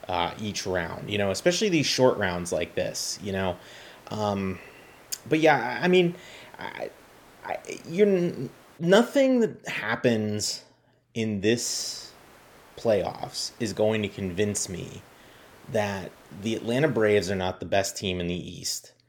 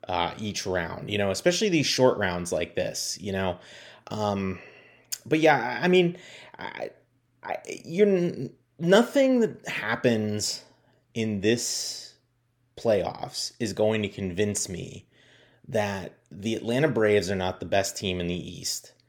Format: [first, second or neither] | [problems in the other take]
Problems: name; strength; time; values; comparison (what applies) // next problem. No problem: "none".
second | hiss; faint; until 9 s and from 12 to 17 s; 25 dB below the speech